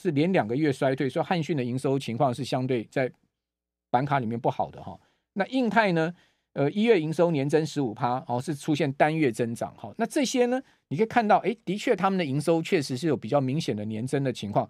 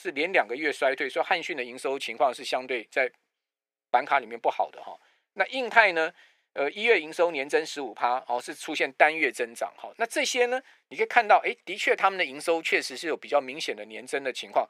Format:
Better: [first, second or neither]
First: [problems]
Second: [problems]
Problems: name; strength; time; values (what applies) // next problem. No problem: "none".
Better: first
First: none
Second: thin; very; fading below 450 Hz